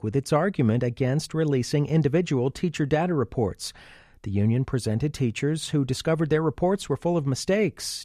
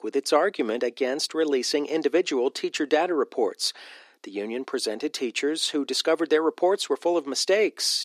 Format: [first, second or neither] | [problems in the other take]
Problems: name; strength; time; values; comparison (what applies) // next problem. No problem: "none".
first | thin; somewhat; fading below 300 Hz